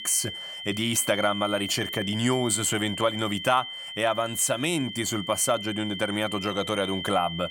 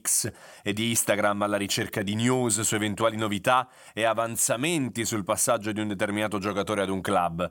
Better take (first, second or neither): second